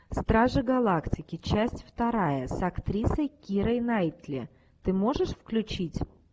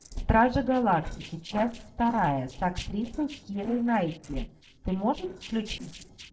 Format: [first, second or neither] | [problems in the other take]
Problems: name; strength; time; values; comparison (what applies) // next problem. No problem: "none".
first | noise reduction (neural separator model SepFormer DNS4)